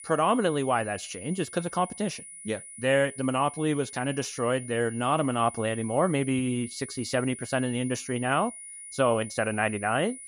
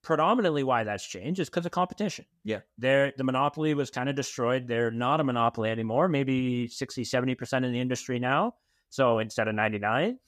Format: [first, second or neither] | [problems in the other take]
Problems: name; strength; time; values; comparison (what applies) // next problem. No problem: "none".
second | high-pitched whine; noticeable; throughout; 10 kHz, 15 dB below the speech